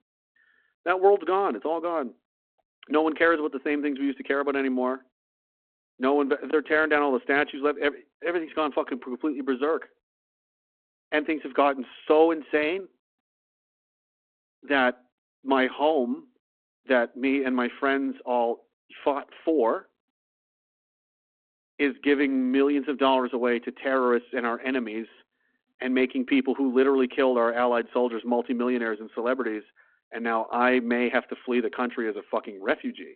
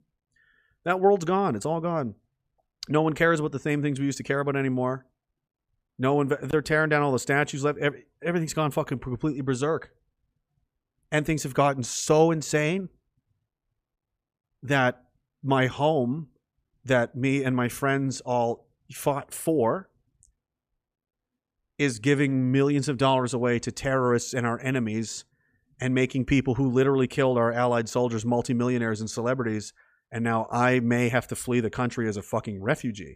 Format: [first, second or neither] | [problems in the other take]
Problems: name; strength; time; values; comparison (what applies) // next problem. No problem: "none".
second | phone-call audio